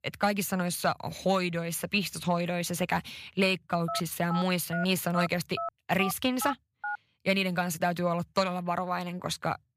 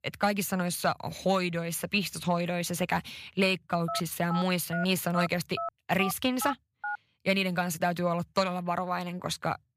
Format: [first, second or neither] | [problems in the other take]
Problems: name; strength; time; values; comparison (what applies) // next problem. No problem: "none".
neither | phone ringing; noticeable; from 4 to 7 s; peak 7 dB below the speech; the same in both